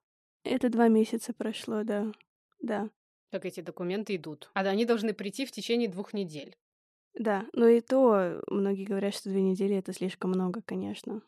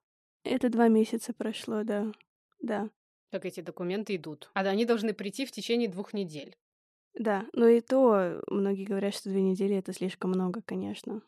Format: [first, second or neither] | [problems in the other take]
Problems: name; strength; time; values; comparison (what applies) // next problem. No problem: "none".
neither | none